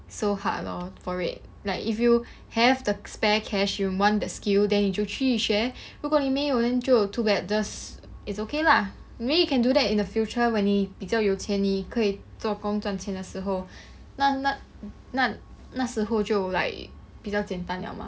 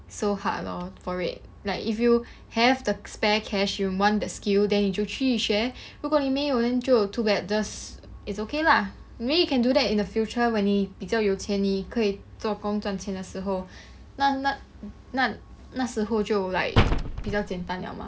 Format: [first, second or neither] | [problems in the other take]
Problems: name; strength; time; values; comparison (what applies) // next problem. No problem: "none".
first | background sound (Slam); 1 dB above the speech